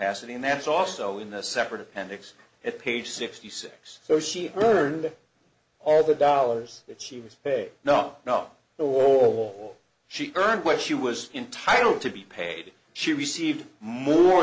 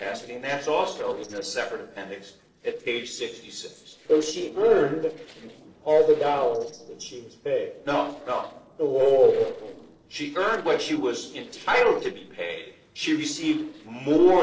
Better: first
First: none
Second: noise reduction (neural separator model SepFormer DNS4)

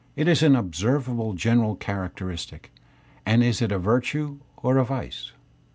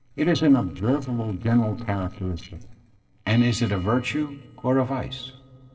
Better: first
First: none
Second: noise reduction (neural separator model SepFormer DNS4)

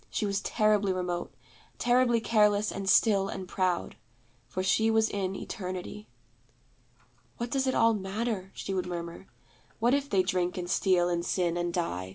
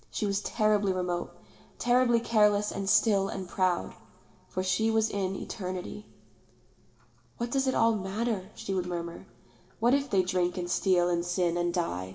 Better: first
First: none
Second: room echo; dies away in 2.3 s

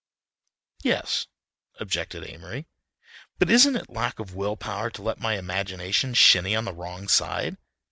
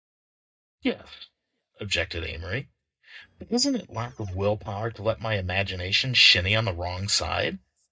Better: first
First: none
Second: noise reduction (neural mask model DeepFilterNet 3)

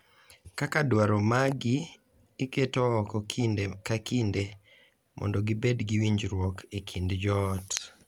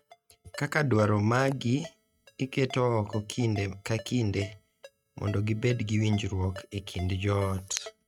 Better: first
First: none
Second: noise reduction (neural mask model RNNoise)

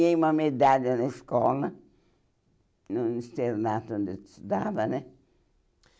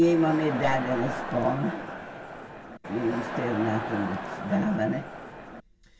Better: first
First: none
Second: background sound (Crowd); 7 dB below the speech // room echo; dies away in 0.1 s

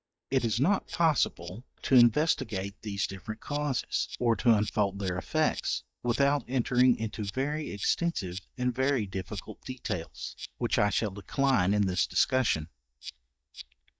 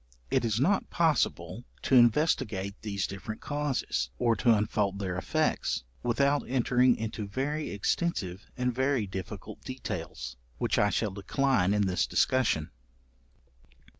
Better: second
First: noise reduction (neural mask model DeepFilterNet 3)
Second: none

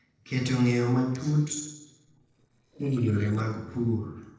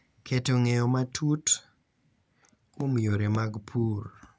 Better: second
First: noise reduction (neural separator model SepFormer DNS4)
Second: none

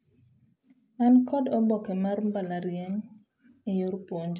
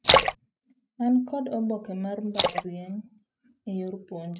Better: first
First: none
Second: noise reduction (neural mask model RNNoise)

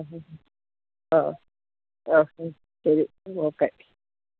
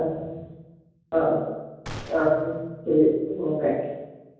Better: first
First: none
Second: background sound (Gunshot, gunfire); 16 dB below the speech // room echo; dies away in 1.3 s

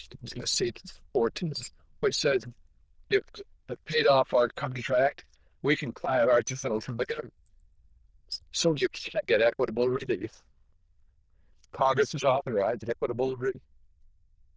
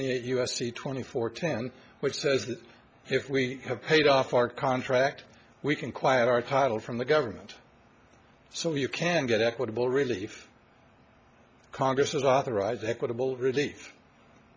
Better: second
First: noise reduction (neural diffusion model UNIVERSE++)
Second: none

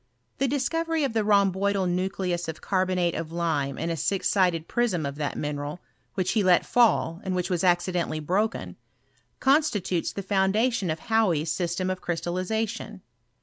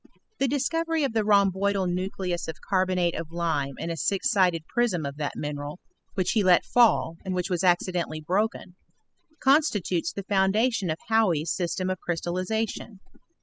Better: first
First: none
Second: noise reduction (classical method spectral subtraction)

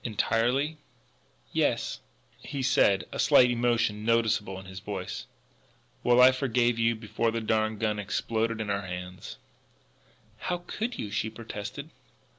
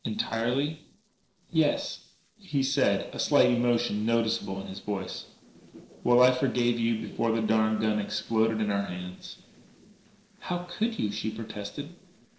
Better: first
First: none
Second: noise reduction (neural separator model SepFormer DNS4)

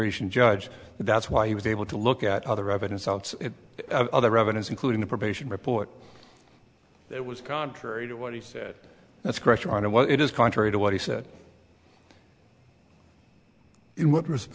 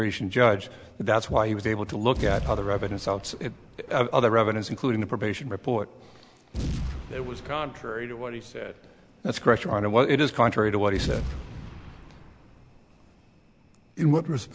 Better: first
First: none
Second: background sound (Boom); 12 dB below the speech

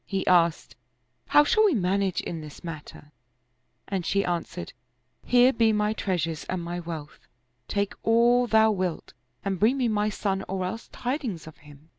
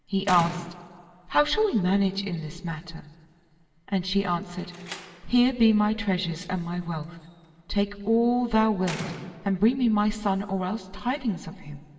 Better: first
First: none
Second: background sound (Slam); 18 dB below the speech // room echo; dies away in 1.8 s

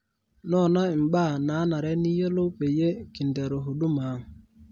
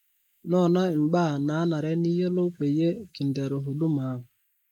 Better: first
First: none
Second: noise reduction (neural mask model Resemble Enhance denoiser)

